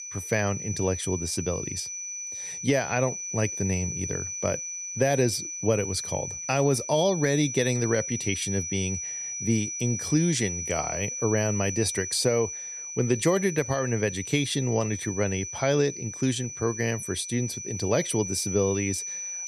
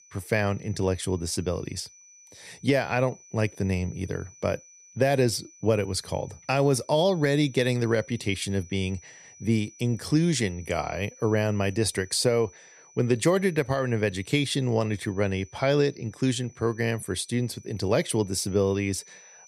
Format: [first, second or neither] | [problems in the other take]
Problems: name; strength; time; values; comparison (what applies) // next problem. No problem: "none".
second | high-pitched whine; loud; throughout; 6 kHz, 5 dB below the speech; faint in the second